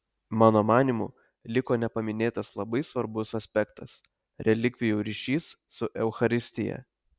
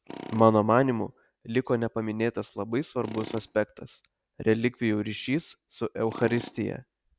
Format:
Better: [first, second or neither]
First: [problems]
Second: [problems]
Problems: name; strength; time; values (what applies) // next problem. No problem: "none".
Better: first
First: none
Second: background sound (Tools); 19 dB below the speech